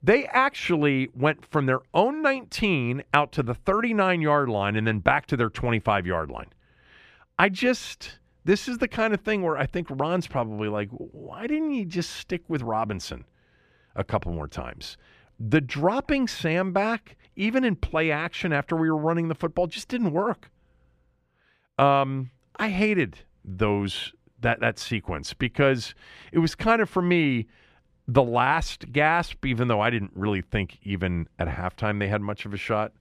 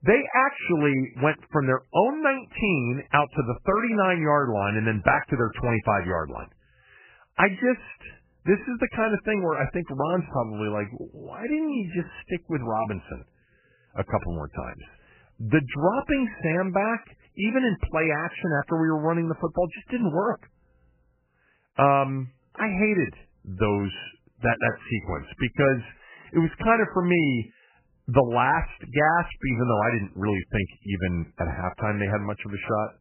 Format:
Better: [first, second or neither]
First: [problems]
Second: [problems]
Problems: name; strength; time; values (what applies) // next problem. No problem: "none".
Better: first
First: none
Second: garbled, watery; badly; nothing above 3 kHz